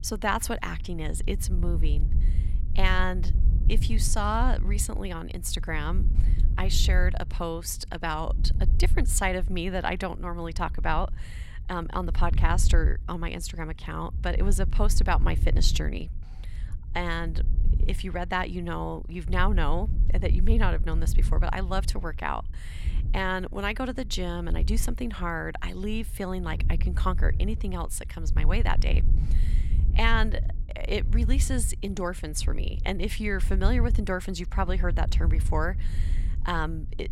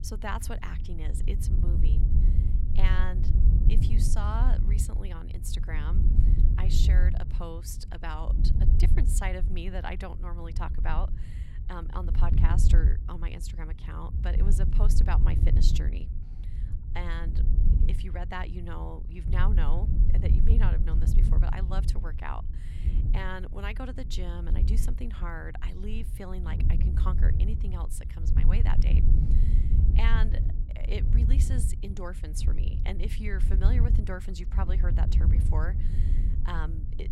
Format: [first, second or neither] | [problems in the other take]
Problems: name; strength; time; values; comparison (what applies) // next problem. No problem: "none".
first | wind noise on the microphone; heavy; 5 dB below the speech; occasional gusts in the first